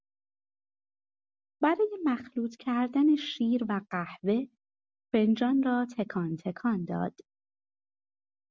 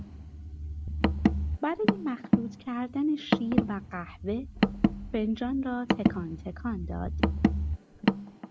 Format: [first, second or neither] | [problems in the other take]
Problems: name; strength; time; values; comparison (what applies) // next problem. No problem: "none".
first | background sound (Car); 5 dB above the speech